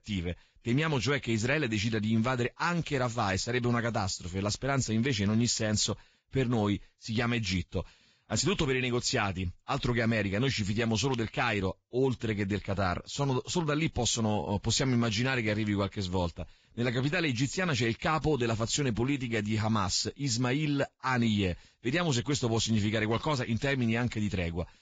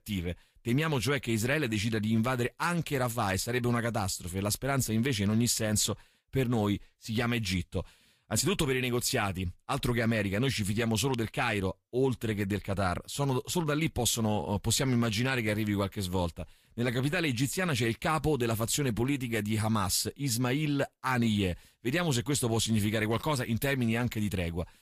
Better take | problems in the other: second | garbled, watery; badly; nothing above 7.5 kHz; slightly in the second

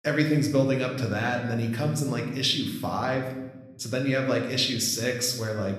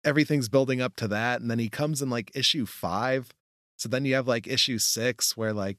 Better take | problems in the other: second | room echo; slight; dies away in 1 s // off-mic speech; somewhat distant

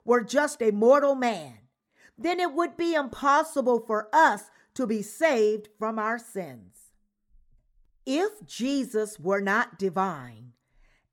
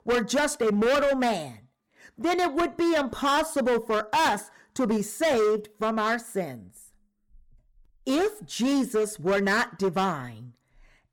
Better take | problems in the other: first | distortion; heavy; 15% of the sound clipped

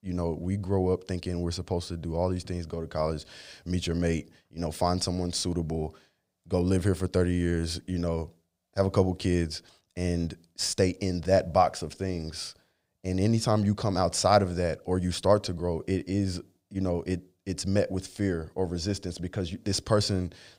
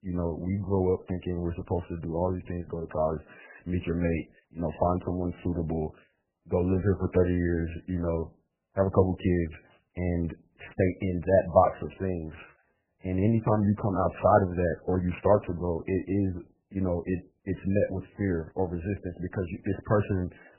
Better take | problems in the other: first | garbled, watery; badly; nothing above 3 kHz

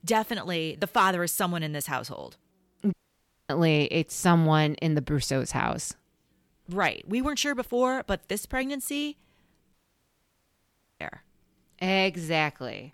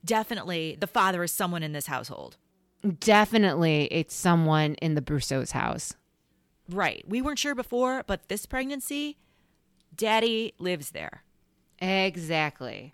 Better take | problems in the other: second | audio cutting out; at 3 s for 0.5 s and at 9.5 s for 1.5 s

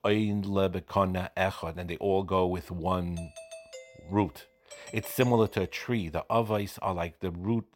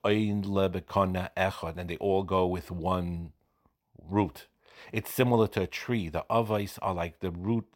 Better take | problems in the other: second | doorbell; faint; from 3 to 6 s; peak 15 dB below the speech

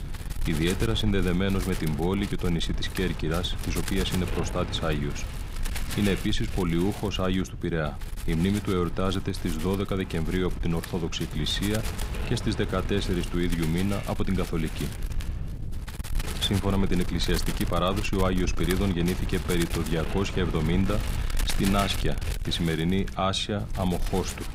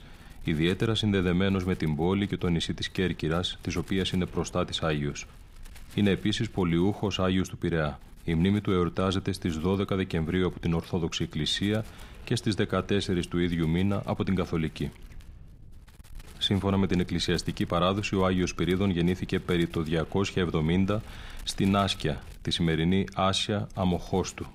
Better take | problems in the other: second | wind noise on the microphone; heavy; 8 dB below the speech; occasional gusts in the second

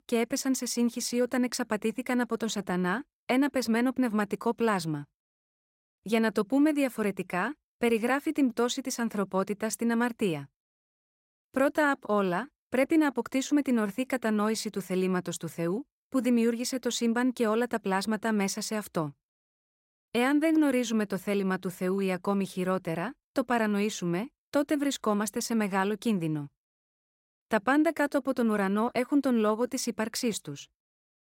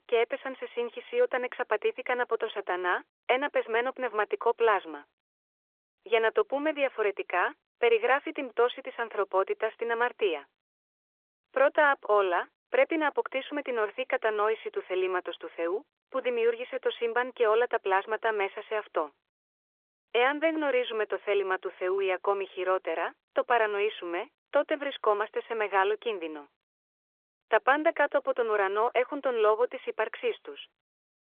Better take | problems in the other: first | phone-call audio; nothing above 3.5 kHz

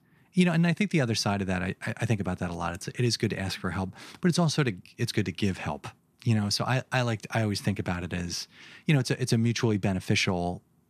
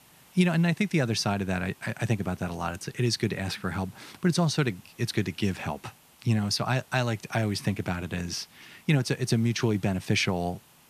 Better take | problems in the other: first | hiss; faint; throughout; 25 dB below the speech

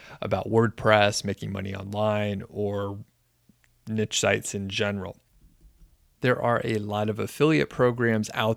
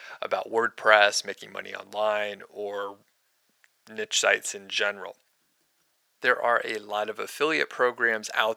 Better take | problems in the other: first | thin; very; fading below 600 Hz

